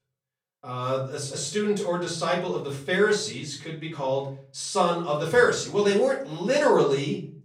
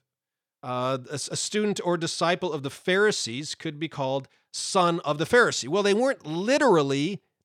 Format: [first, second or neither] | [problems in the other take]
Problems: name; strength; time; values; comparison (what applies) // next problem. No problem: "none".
second | off-mic speech; far // room echo; slight; dies away in 0.4 s